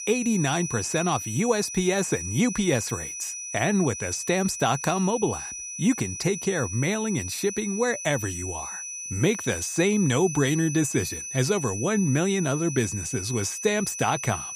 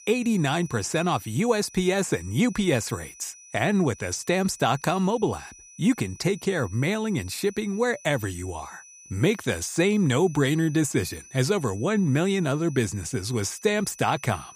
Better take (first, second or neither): second